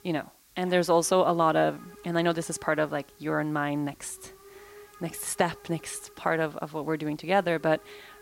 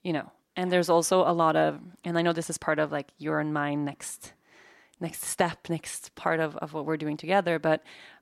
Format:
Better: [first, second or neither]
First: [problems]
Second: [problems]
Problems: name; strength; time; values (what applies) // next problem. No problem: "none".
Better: second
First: hiss; faint; throughout; 25 dB below the speech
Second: none